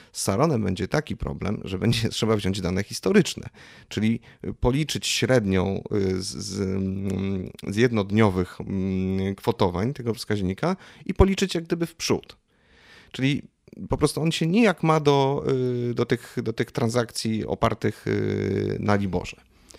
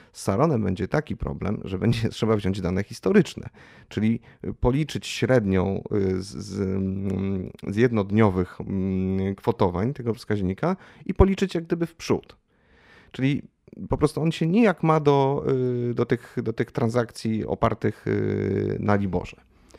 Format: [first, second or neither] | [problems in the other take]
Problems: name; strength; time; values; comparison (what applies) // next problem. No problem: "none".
first | muffled; slightly; fading above 2.5 kHz